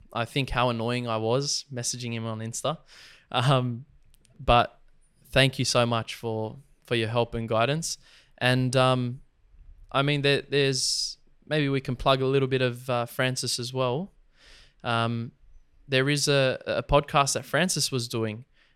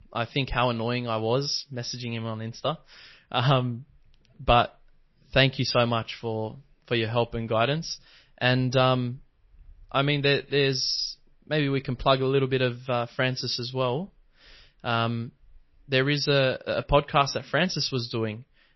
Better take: first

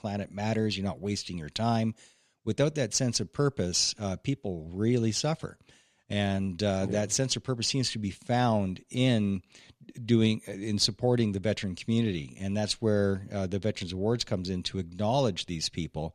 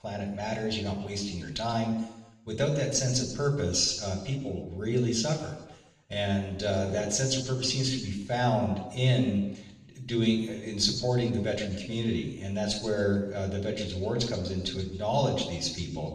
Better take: first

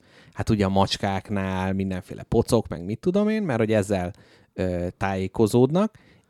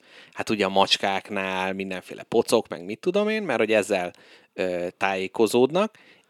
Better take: first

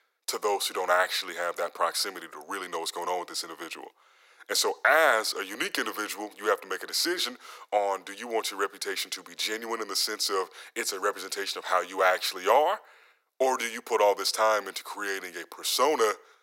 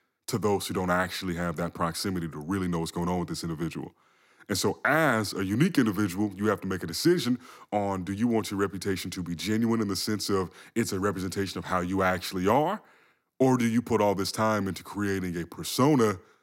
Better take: second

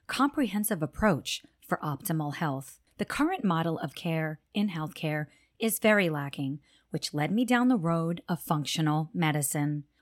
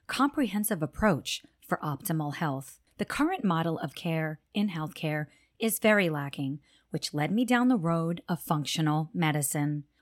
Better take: neither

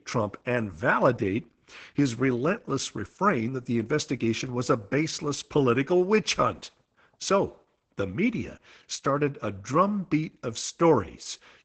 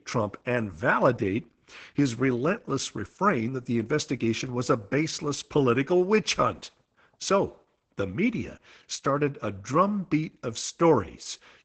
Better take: neither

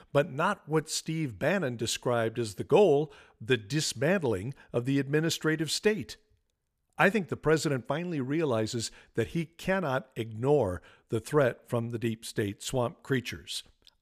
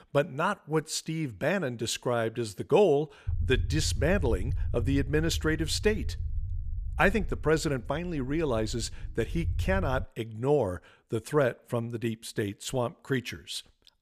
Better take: first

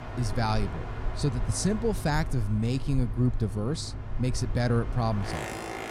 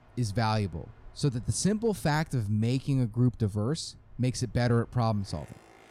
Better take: second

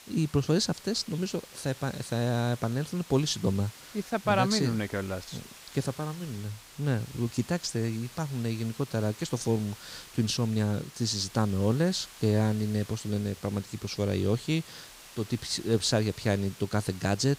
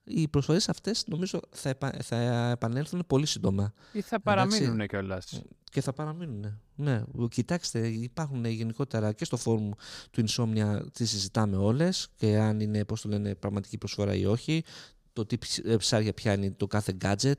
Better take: second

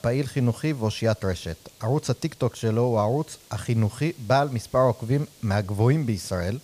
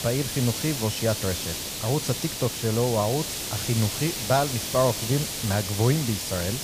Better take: first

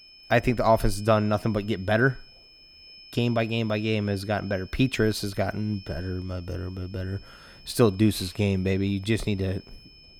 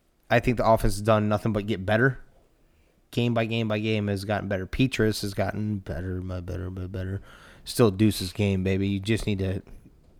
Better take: second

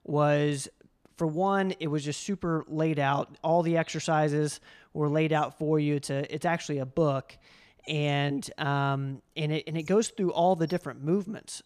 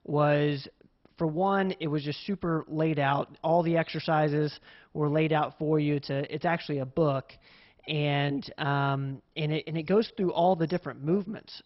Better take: first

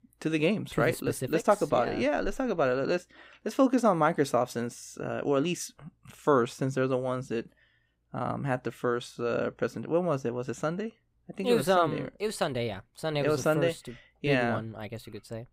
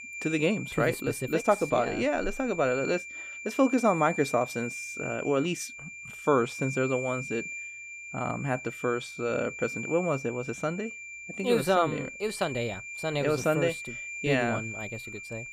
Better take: first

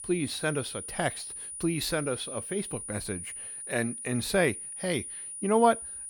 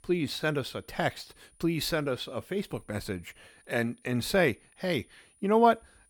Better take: second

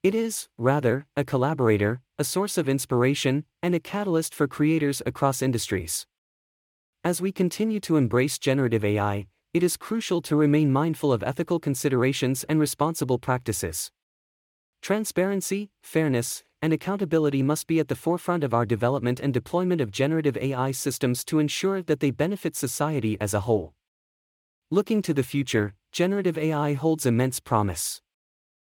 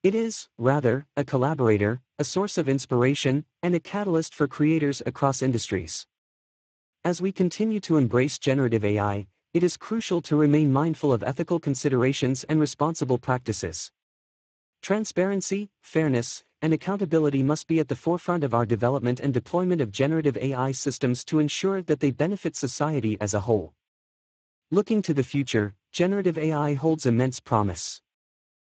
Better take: first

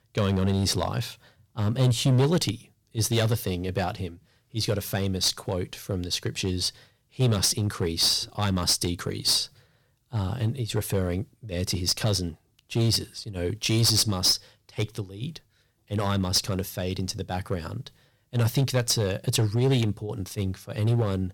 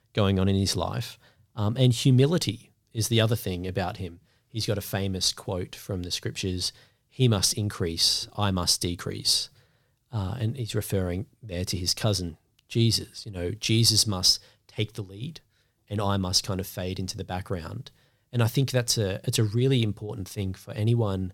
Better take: second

